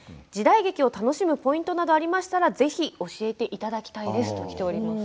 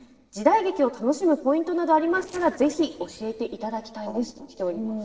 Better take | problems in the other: first | noise reduction (neural separator model SepFormer DNS4)

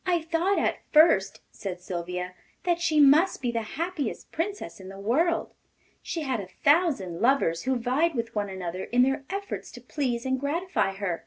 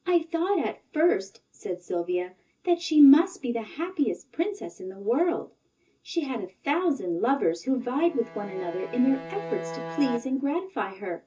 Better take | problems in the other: first | background sound (Bowed string instrument); 12 dB below the speech // room echo; dies away in 0.2 s

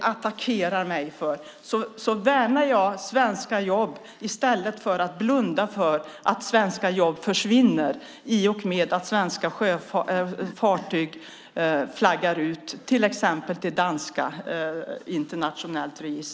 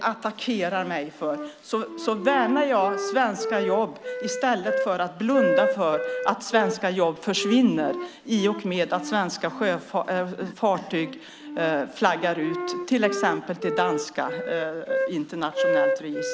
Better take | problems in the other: first | background sound (Wind instrument, woodwind instrument); 5 dB below the speech

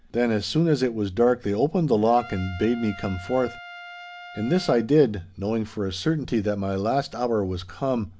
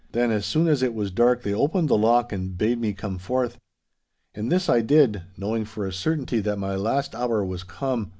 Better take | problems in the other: second | background sound (Trumpet); 17 dB below the speech

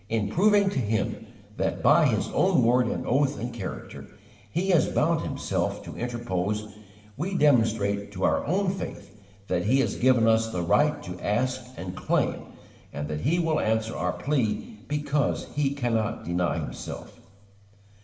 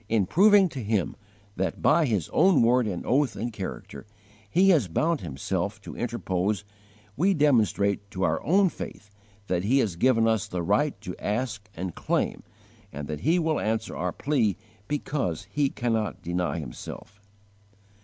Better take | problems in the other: second | room echo; dies away in 1 s

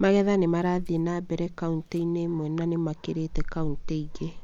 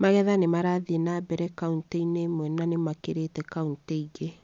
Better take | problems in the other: second | background sound (Dog); 8 dB below the speech

